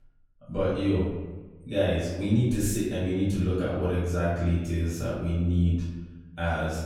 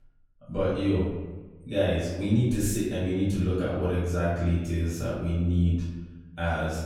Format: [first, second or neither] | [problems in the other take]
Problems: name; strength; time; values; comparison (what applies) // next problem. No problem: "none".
neither | off-mic speech; far; the same in both // room echo; noticeable; dies away in 1.1 s; the same in both